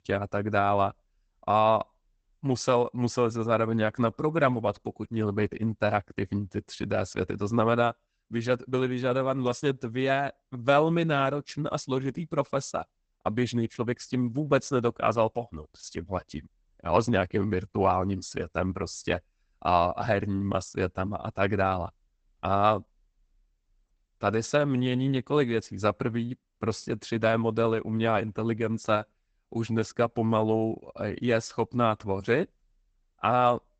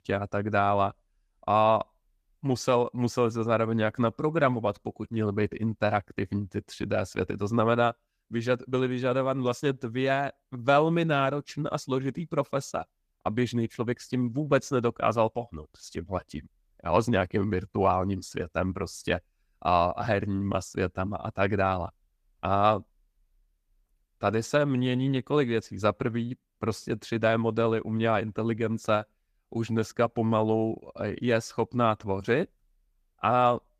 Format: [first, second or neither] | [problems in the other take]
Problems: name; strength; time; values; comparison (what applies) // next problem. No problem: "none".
second | garbled, watery; badly; nothing above 8 kHz; slightly in the second